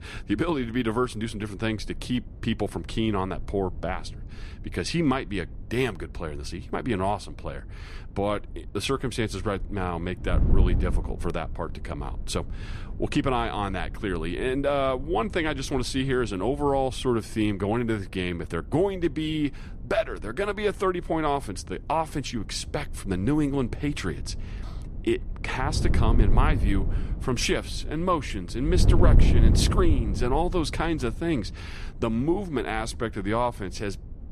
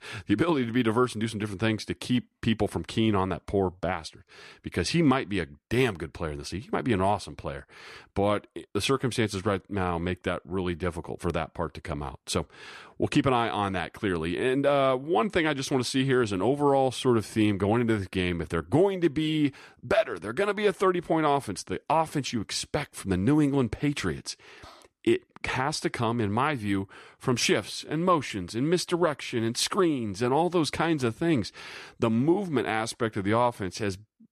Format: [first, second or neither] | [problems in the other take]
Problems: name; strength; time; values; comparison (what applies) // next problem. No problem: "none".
second | wind noise on the microphone; occasional gusts; 15 dB below the speech